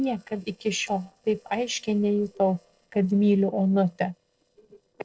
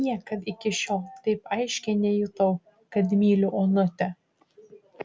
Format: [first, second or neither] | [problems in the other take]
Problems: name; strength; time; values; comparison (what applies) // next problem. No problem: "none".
second | noise reduction (neural separator model SepFormer DNS4)